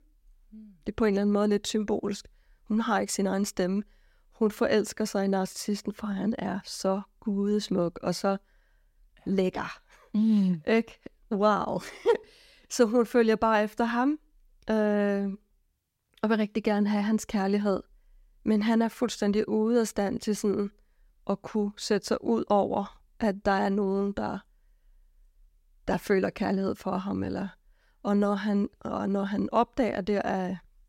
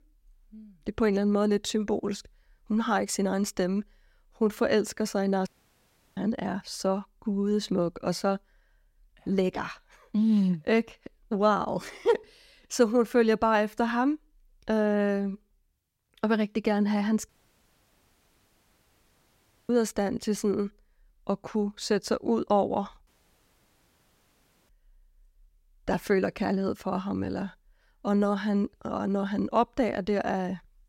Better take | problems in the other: first | audio cutting out; at 5.5 s for 0.5 s, at 17 s for 2.5 s and at 23 s for 1.5 s

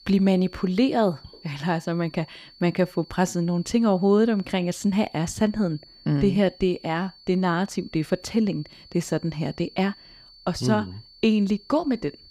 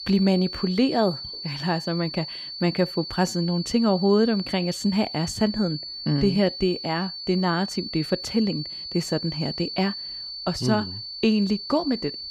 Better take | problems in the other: first | high-pitched whine; loud; throughout; 4.5 kHz, 8 dB below the speech; faint in the first

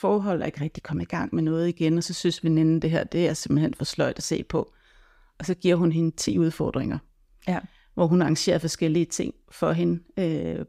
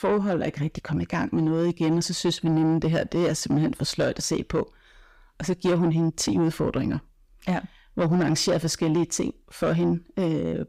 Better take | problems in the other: first | distortion; slight; 10 dB below the speech

